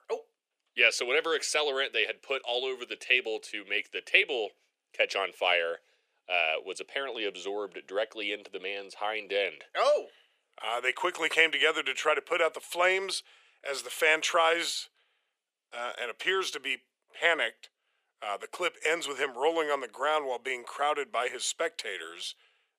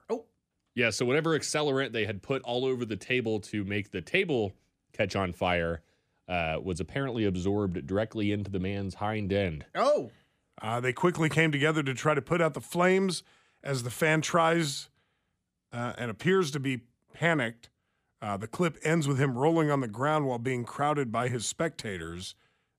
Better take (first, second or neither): second